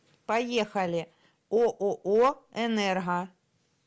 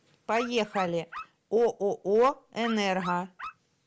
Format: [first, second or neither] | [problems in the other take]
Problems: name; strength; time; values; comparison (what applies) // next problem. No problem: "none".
first | background sound (Dog); 14 dB below the speech